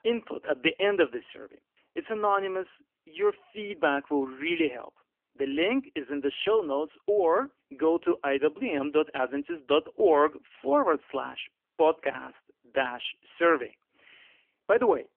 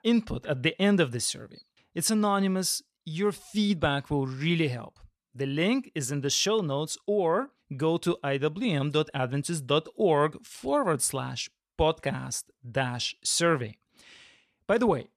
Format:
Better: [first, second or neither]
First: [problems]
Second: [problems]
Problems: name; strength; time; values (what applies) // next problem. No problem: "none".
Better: second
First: phone-call audio; poor line; nothing above 3 kHz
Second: none